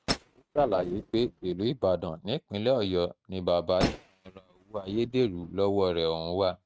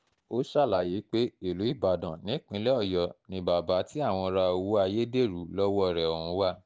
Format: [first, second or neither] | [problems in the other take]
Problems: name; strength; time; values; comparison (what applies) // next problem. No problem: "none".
second | noise reduction (neural mask model RNNoise)